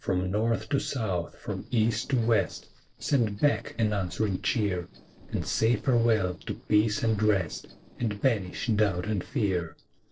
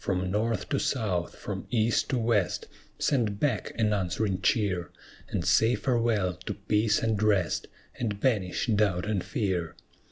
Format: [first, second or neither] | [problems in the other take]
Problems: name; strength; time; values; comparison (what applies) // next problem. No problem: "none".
second | noise reduction (neural separator model SepFormer DNS4)